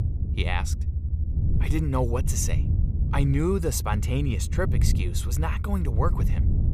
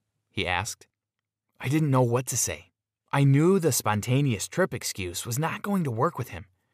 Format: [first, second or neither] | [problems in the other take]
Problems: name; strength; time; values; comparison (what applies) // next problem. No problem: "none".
second | low rumble; noticeable; throughout; 10 dB below the speech